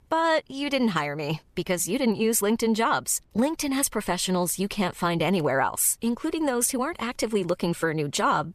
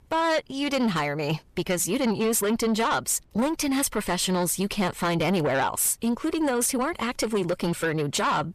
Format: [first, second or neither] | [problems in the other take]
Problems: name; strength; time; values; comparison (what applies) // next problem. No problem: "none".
first | distortion; slight; 10 dB below the speech